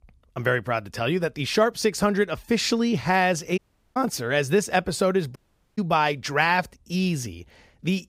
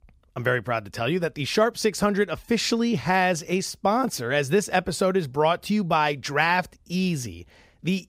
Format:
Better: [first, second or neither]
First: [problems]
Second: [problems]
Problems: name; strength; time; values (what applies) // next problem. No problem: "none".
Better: second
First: audio cutting out; at 3.5 s and at 5.5 s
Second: none